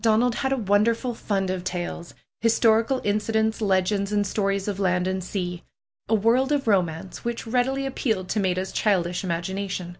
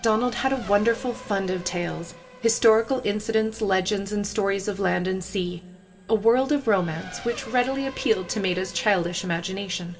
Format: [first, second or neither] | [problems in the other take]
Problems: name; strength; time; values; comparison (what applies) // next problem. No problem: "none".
first | background sound (Race car, auto racing / Accelerating, revving, vroom); 19 dB below the speech // room echo; dies away in 2.3 s